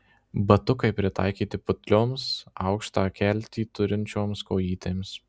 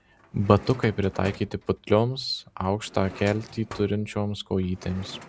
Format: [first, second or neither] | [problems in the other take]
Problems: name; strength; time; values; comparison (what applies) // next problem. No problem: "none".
first | background sound (Drawer open or close); 19 dB below the speech